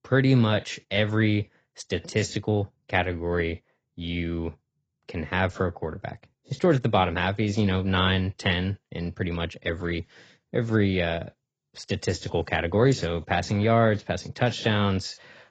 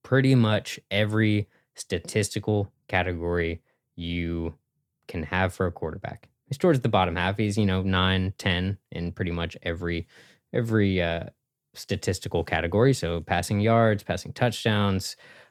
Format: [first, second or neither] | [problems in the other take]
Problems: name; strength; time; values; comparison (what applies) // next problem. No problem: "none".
second | garbled, watery; badly; nothing above 7.5 kHz